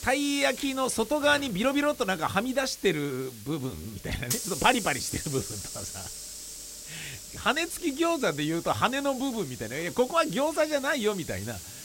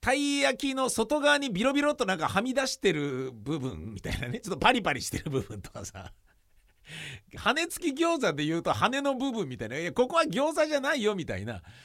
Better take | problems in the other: second | hiss; noticeable; throughout; 10 dB below the speech

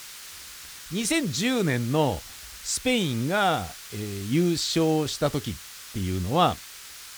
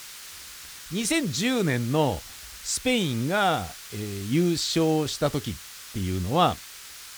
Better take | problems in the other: neither | hiss; noticeable; throughout; 15 dB below the speech; the same in both

